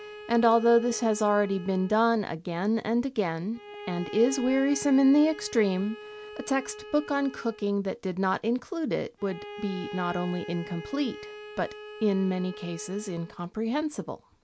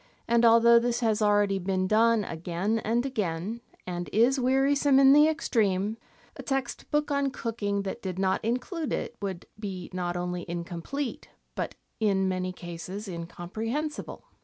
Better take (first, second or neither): second